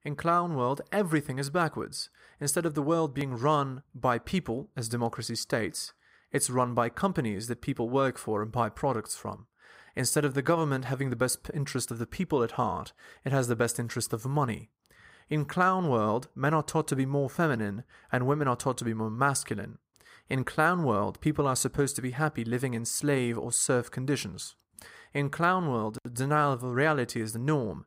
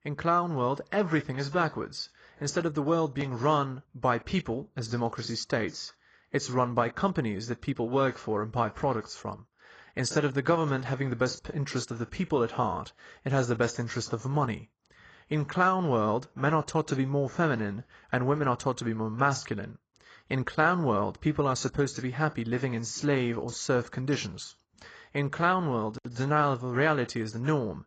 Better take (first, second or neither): first